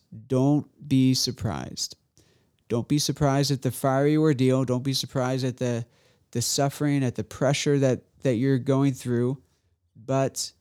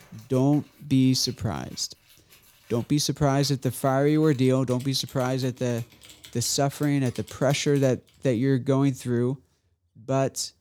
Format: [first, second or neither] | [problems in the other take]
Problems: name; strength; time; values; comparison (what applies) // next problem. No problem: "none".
first | household noises; faint; until 8 s; 25 dB below the speech